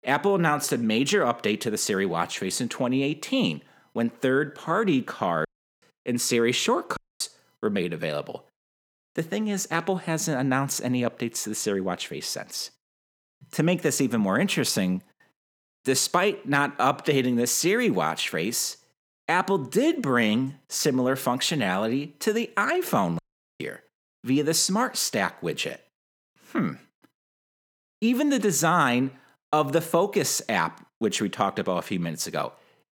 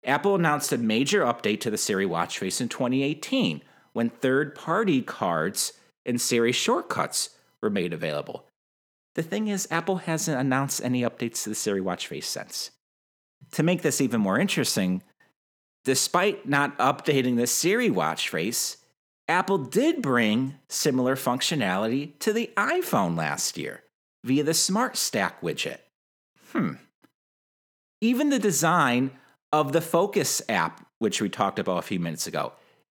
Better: second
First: audio cutting out; at 5.5 s, at 7 s and at 23 s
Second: none

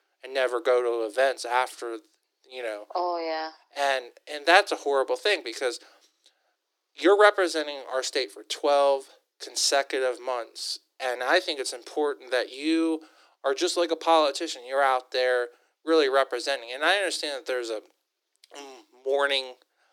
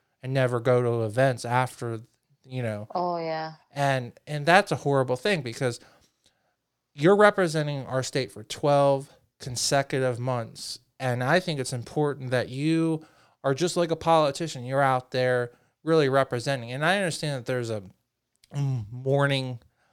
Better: second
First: thin; very; fading below 300 Hz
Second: none

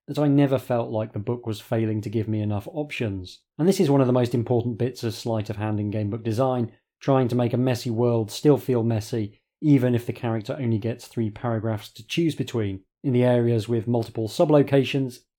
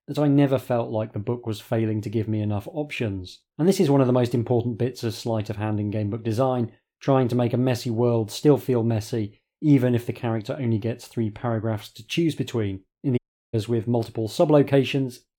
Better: first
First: none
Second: audio cutting out; at 13 s

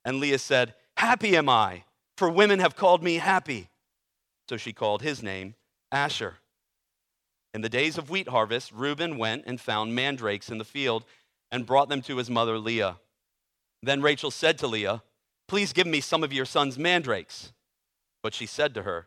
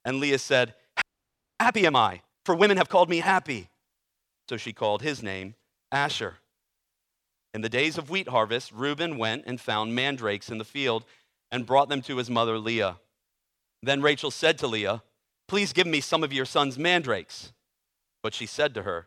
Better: first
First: none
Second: audio freezing; at 1 s for 0.5 s

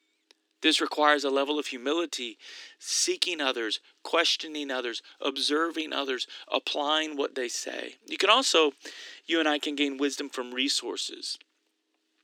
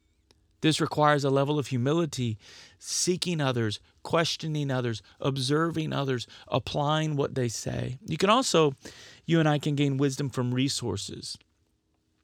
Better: second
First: thin; somewhat; fading below 300 Hz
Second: none

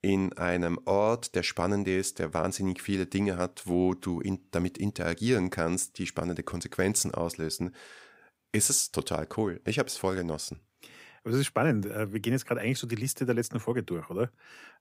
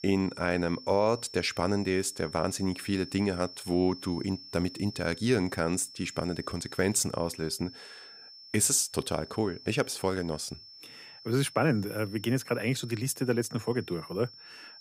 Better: first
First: none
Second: high-pitched whine; noticeable; throughout; 5.5 kHz, 15 dB below the speech

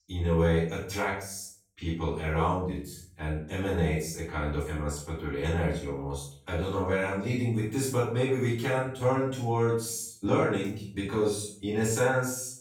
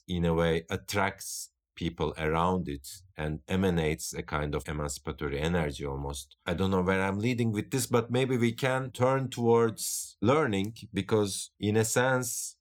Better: second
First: off-mic speech; far // room echo; noticeable; dies away in 0.5 s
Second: none

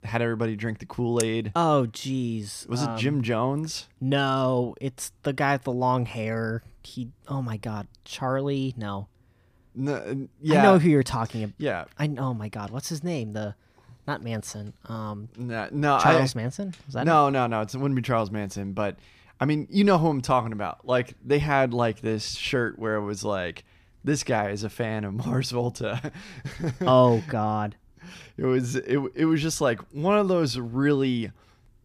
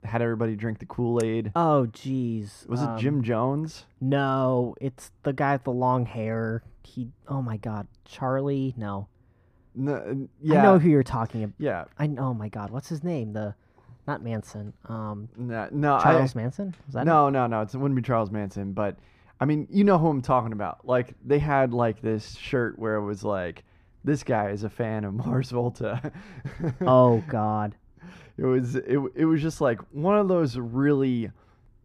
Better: first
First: none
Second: muffled; slightly; fading above 2 kHz

